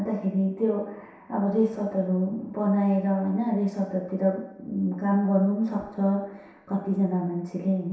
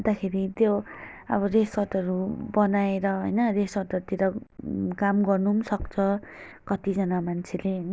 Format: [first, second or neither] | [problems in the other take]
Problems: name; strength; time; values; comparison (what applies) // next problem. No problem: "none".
second | room echo; dies away in 0.7 s